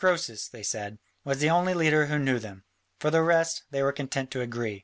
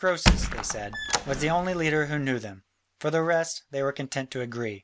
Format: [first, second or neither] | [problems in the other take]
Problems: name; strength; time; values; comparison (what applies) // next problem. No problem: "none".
first | background sound (Squeak); 1 dB above the speech